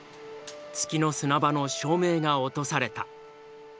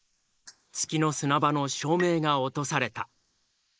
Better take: first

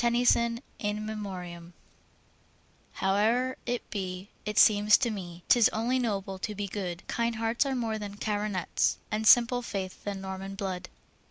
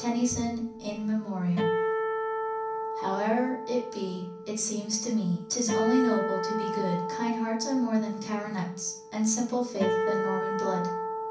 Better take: first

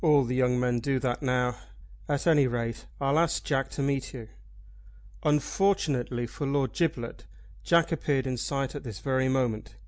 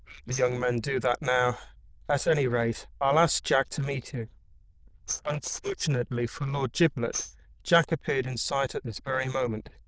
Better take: first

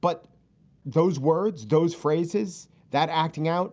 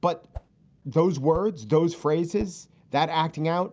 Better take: first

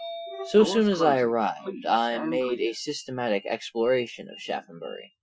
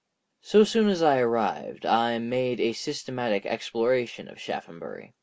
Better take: second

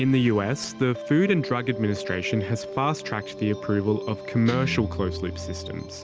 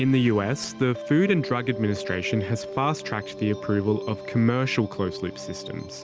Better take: second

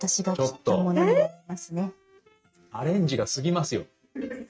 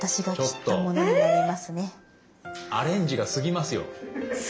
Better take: second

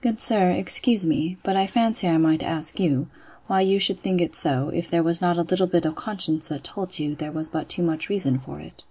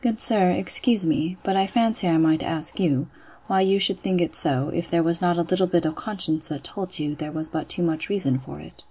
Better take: second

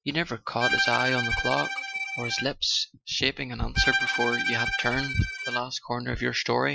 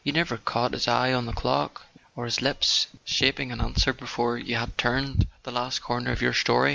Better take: second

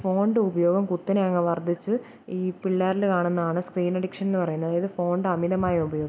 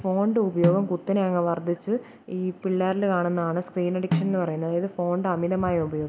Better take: first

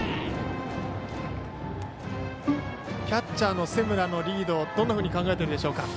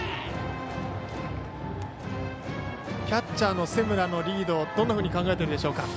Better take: second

